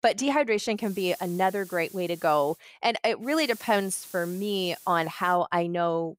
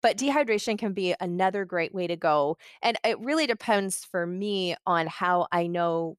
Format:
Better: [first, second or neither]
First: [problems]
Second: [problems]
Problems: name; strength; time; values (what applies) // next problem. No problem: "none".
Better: second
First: hiss; noticeable; from 1 to 2.5 s and from 3.5 to 5.5 s; 20 dB below the speech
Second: none